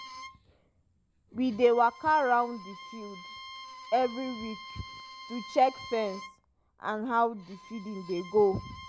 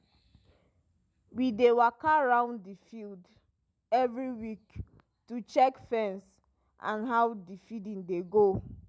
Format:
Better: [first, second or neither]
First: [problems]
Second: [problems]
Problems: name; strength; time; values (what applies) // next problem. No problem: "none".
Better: second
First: background sound (Bowed string instrument); 17 dB below the speech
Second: none